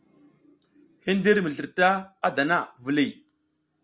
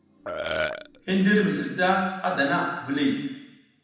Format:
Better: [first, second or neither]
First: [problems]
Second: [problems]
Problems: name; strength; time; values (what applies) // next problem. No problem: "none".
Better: first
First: none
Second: background sound (Burping, eructation); 5 dB below the speech // room echo; dies away in 1 s